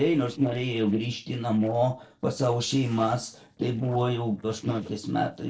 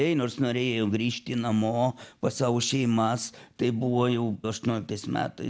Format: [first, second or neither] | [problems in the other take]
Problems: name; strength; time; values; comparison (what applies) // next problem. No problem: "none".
second | noise reduction (neural separator model SepFormer DNS4)